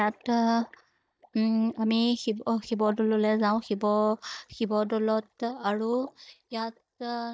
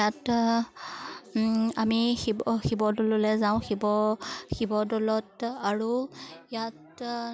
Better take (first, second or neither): second